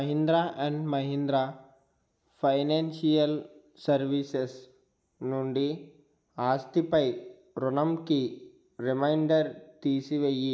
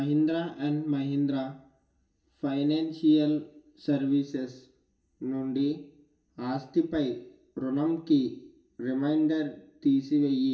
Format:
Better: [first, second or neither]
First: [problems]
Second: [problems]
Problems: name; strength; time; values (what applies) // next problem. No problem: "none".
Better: first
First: none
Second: room echo; dies away in 0.2 s